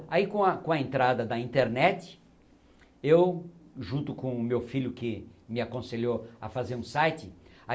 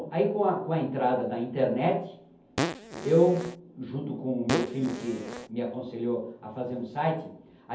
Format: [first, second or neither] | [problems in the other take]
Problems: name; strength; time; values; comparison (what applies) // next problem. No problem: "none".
first | background sound (Fart); 5 dB below the speech // room echo; dies away in 0.5 s